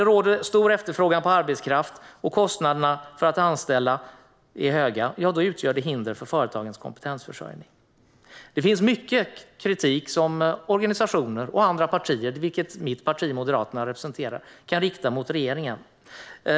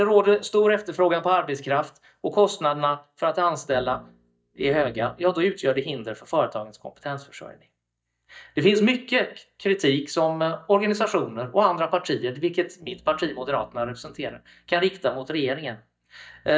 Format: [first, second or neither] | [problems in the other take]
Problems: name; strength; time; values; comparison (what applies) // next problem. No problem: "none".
first | noise reduction (neural mask model DeepFilterNet 3)